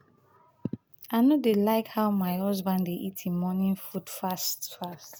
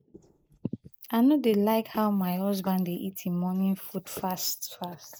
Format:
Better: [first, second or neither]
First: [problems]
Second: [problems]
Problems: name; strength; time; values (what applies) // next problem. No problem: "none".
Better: first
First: none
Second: noise reduction (neural mask model Resemble Enhance denoiser)